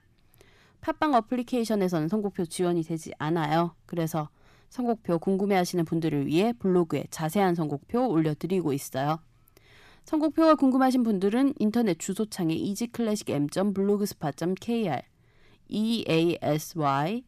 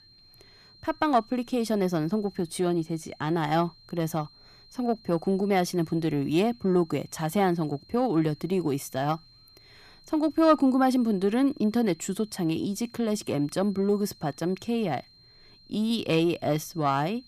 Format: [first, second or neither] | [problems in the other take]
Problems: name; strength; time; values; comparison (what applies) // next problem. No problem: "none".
first | high-pitched whine; faint; throughout; 4 kHz, 25 dB below the speech